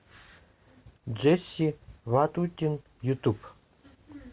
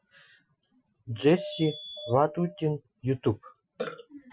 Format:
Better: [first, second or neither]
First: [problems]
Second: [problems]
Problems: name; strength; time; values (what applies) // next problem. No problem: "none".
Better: first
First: none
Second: noise reduction (classical method Wiener filter)